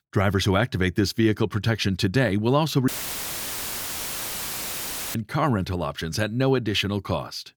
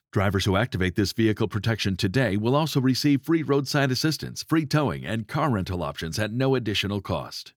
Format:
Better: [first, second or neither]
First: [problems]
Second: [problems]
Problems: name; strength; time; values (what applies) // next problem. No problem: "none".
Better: second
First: audio cutting out; filled with static; at 3 s for 2.5 s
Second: none